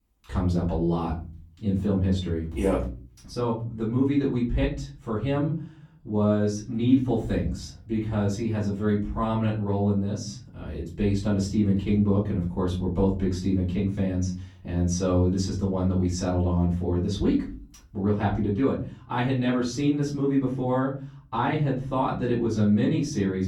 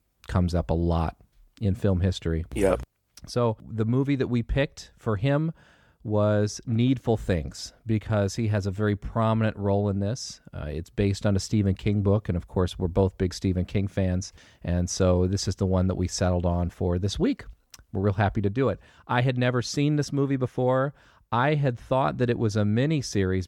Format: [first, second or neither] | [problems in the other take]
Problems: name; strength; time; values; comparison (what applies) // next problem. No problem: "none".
second | off-mic speech; far // room echo; slight; dies away in 0.4 s